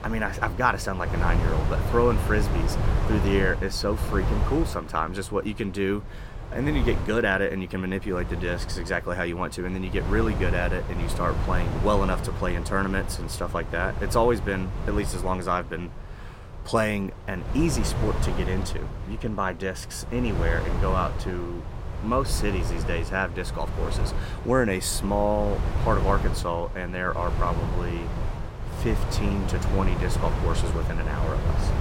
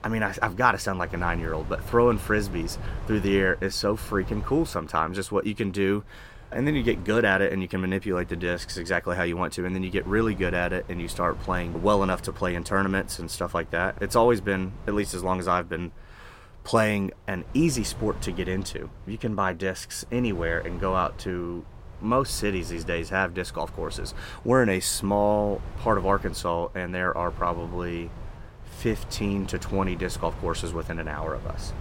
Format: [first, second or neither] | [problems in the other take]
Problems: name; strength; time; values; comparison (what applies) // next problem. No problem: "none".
second | wind noise on the microphone; heavy; 8 dB below the speech; occasional gusts in the second